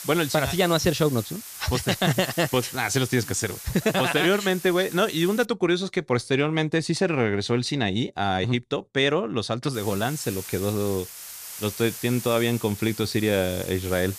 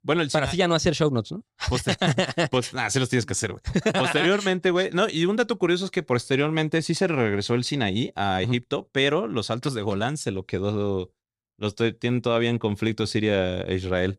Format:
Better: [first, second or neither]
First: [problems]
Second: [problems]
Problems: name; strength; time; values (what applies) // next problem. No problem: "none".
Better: second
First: hiss; noticeable; until 5.5 s and from 9.5 s on; 10 dB below the speech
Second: none